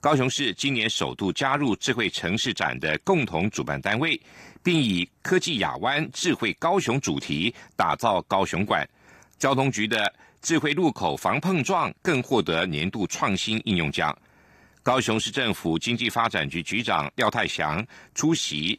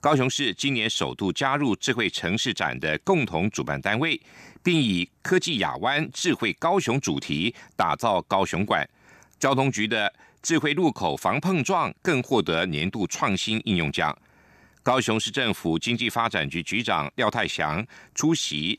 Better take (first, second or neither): second